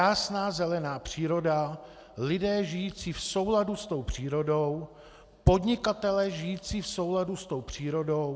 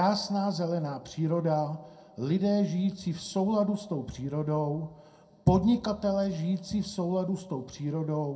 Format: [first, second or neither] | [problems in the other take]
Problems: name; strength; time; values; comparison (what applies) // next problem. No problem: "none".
first | room echo; dies away in 0.2 s